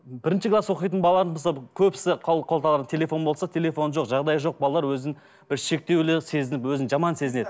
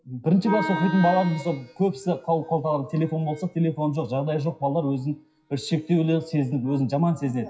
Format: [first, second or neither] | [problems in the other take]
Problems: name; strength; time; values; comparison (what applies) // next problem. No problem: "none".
first | noise reduction (classical method WPE with log-MMSE)